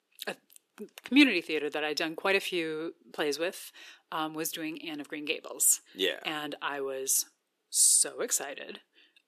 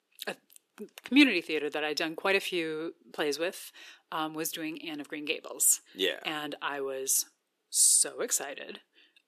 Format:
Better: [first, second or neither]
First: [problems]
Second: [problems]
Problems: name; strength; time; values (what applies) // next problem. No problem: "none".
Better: neither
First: thin; somewhat; fading below 350 Hz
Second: thin; somewhat; fading below 350 Hz